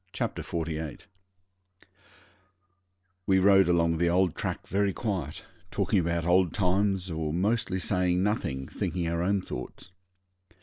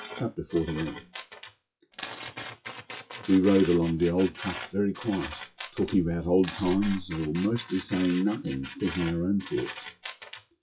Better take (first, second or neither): first